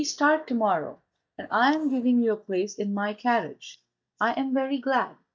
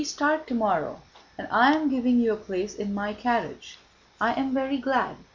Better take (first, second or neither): second